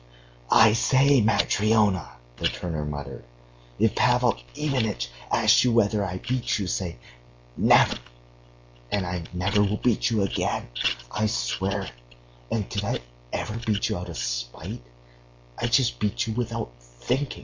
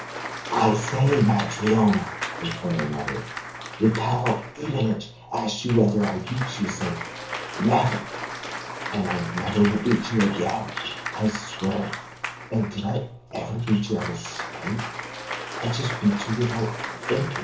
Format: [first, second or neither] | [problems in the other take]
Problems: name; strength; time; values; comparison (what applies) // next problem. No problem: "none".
first | background sound (Applause / Cheering); 9 dB below the speech // room echo; dies away in 0.6 s